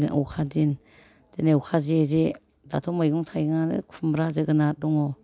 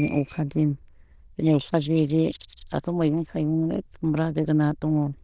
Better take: first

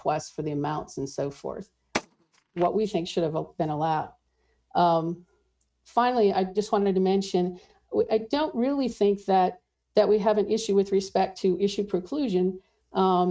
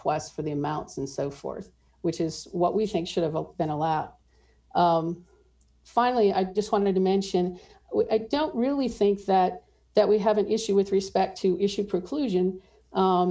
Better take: second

